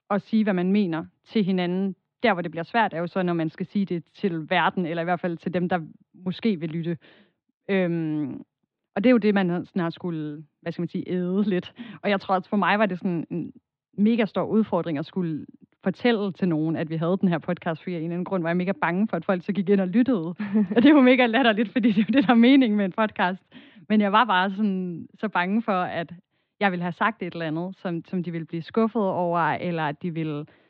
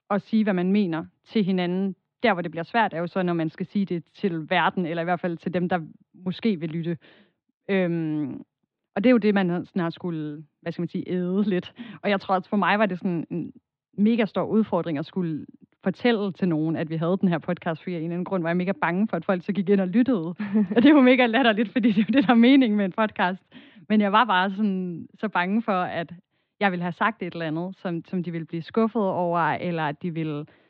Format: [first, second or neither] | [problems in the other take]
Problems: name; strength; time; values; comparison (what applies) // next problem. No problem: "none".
neither | muffled; slightly; fading above 3.5 kHz; the same in both